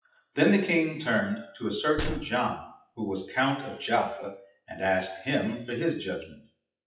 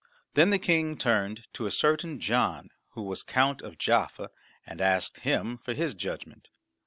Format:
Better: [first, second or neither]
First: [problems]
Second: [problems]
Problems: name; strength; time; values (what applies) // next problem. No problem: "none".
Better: second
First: noise reduction (classical method WPE with log-MMSE)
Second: none